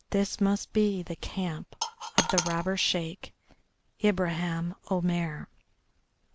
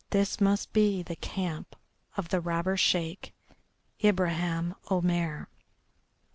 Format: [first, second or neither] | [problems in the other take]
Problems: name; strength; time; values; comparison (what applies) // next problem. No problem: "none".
second | background sound (Coin (dropping)); 1 dB below the speech